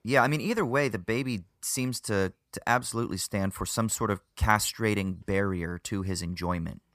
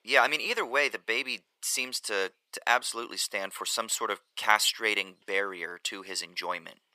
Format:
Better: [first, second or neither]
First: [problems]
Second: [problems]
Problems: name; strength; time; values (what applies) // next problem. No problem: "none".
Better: first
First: none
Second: thin; very; fading below 450 Hz